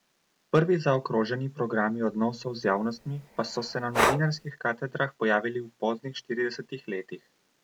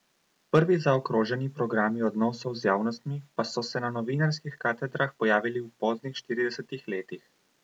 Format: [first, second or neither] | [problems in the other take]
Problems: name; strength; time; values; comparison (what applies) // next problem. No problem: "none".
second | background sound (Breathing); 3 dB below the speech